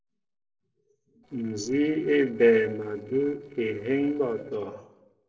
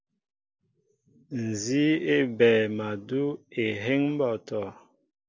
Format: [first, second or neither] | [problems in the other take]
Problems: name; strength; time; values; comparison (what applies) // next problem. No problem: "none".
second | noise reduction (neural separator model SepFormer DNS4)